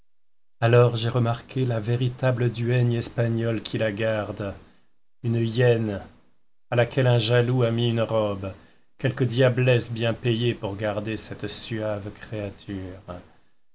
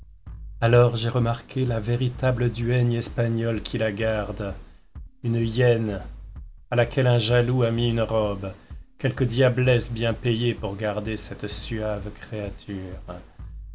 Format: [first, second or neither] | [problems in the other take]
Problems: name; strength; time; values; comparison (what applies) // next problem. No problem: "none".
first | background sound (Bass drum); 16 dB below the speech